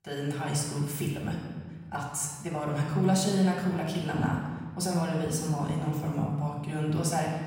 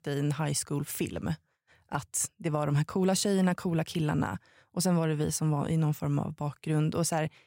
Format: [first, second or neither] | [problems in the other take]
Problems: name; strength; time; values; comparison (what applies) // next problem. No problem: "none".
second | off-mic speech; far // room echo; noticeable; dies away in 1.3 s